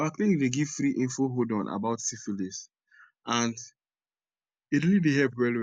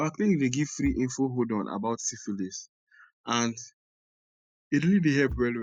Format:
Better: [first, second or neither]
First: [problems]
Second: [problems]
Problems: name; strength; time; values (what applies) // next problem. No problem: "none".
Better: first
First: none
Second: noise reduction (classical method spectral subtraction)